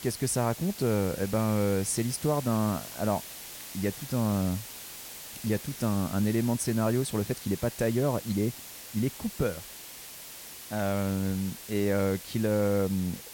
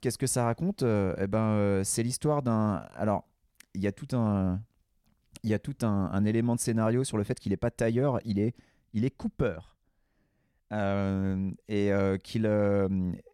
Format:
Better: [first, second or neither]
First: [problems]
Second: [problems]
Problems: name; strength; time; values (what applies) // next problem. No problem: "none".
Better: second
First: hiss; noticeable; throughout; 10 dB below the speech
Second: none